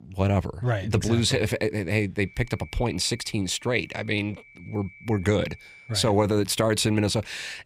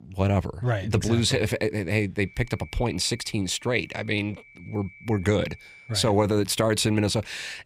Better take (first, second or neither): neither